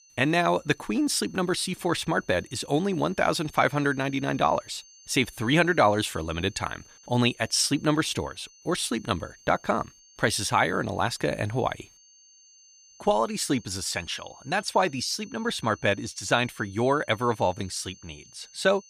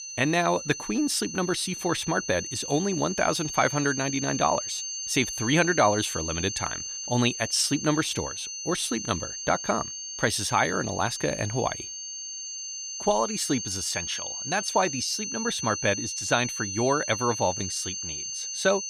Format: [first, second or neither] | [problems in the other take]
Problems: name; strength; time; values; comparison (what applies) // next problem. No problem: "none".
first | high-pitched whine; loud; throughout; 6.5 kHz, 5 dB below the speech; faint in the first